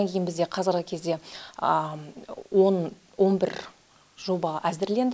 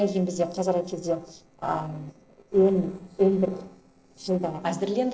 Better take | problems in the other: first | noise reduction (neural separator model SepFormer DNS4)

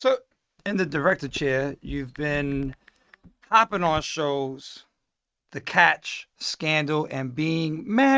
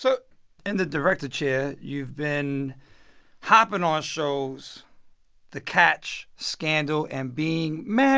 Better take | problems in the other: second | noise reduction (neural mask model RNNoise)

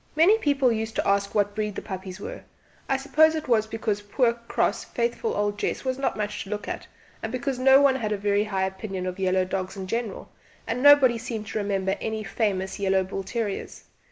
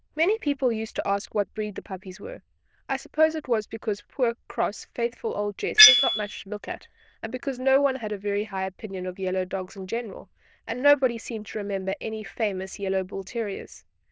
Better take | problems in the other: first | noise reduction (neural diffusion model UNIVERSE++)

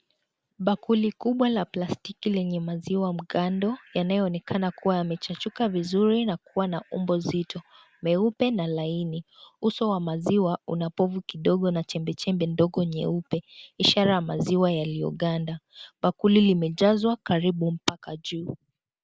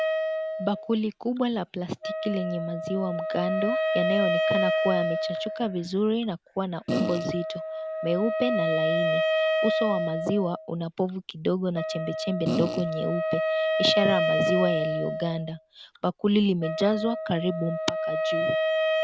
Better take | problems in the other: first | background sound (Fart + Wind instrument, woodwind instrument); as loud as the speech

